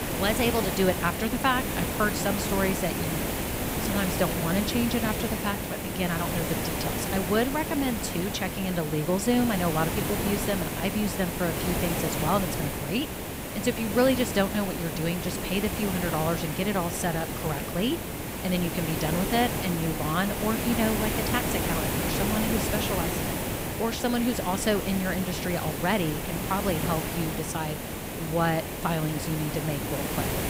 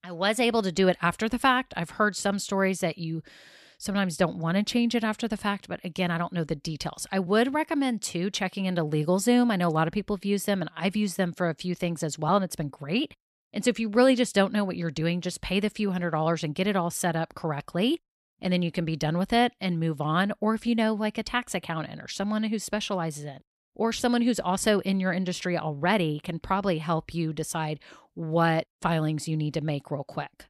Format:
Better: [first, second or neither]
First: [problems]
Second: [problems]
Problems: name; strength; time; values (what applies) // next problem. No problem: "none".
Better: second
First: hiss; loud; throughout; 1 dB below the speech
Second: none